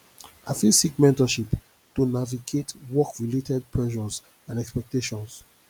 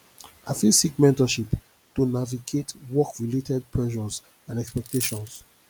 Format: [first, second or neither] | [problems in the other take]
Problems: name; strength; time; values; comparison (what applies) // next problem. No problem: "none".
first | background sound (Coin (dropping)); 9 dB below the speech